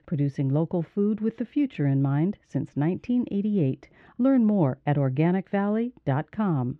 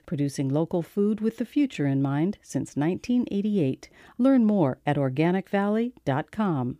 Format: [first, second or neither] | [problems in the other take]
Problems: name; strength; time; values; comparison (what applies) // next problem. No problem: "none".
second | muffled; slightly; fading above 2.5 kHz